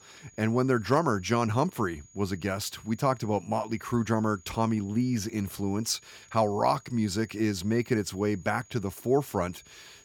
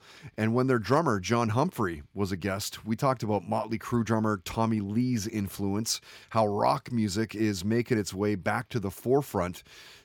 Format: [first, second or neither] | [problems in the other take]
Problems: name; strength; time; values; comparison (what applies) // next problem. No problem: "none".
second | high-pitched whine; faint; throughout; 6.5 kHz, 25 dB below the speech